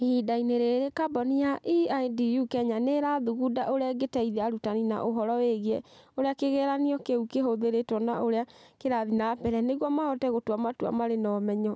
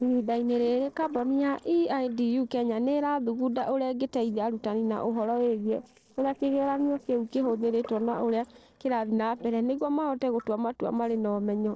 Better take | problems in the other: first | noise reduction (neural separator model SepFormer DNS4)

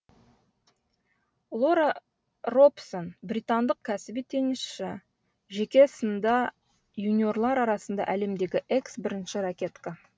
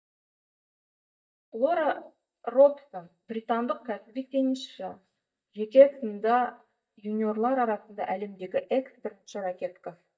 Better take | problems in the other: first | noise reduction (neural mask model DeepFilterNet 3)

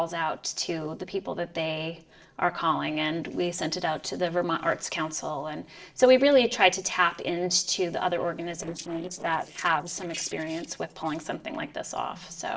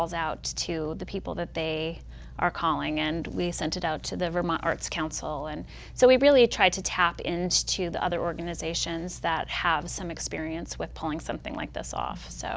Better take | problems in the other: second | noise reduction (neural separator model SepFormer DNS4)

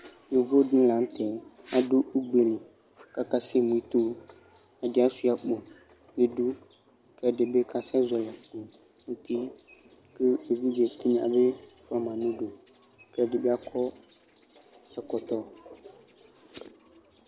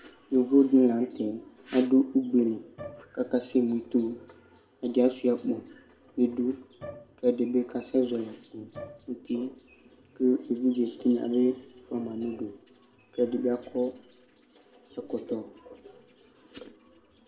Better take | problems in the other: first | background sound (Bowed string instrument); 18 dB below the speech // room echo; dies away in 0.3 s

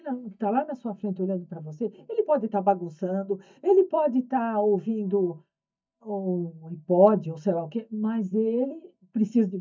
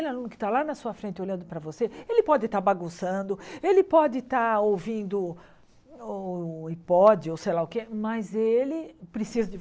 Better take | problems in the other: second | noise reduction (neural mask model DeepFilterNet 3)

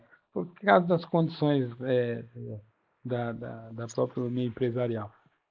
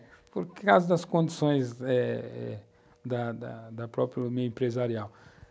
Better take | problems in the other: second | noise reduction (neural mask model Resemble Enhance denoiser)

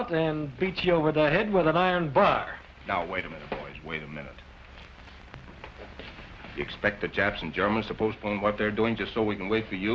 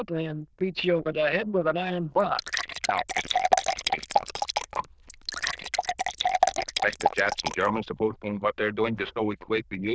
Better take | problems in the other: first | noise reduction (neural diffusion model UNIVERSE++)

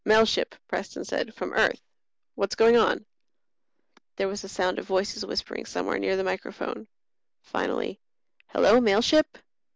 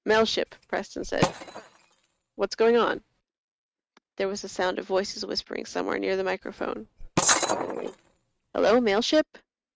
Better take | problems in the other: first | noise reduction (neural mask model RNNoise)

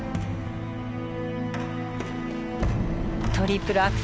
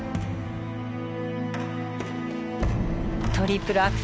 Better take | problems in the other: second | background sound (Zipper (clothing)); 15 dB below the speech

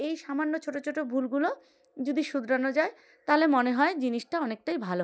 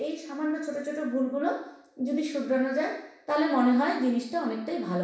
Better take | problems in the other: first | room echo; dies away in 0.7 s

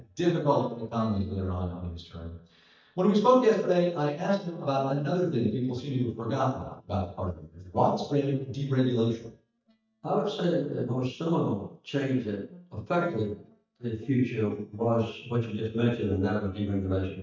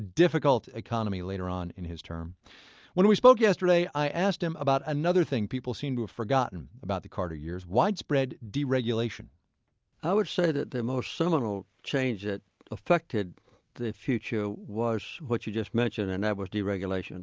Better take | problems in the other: second | noise reduction (neural mask model DeepFilterNet 3)

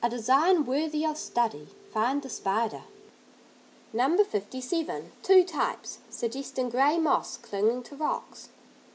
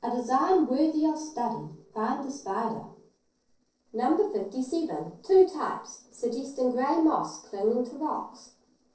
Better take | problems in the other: first | noise reduction (neural separator model SepFormer DNS4)

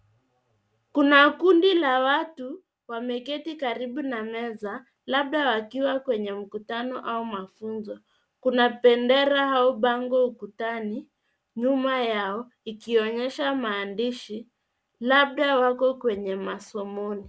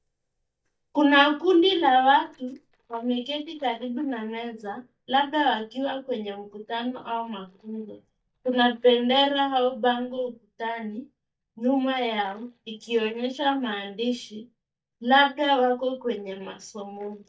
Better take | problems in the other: first | noise reduction (neural mask model DeepFilterNet 3)

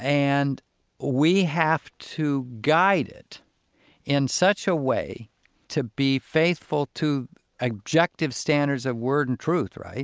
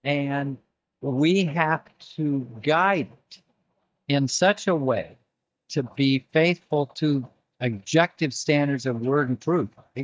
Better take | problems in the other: first | noise reduction (neural mask model DeepFilterNet 3)

